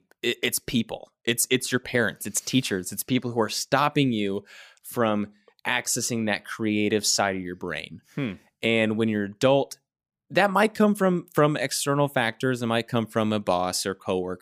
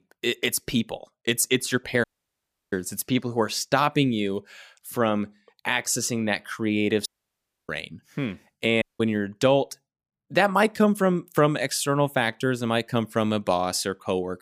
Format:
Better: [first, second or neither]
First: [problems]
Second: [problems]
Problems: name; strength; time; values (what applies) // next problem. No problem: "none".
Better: first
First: none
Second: audio cutting out; at 2 s for 0.5 s, at 7 s for 0.5 s and at 9 s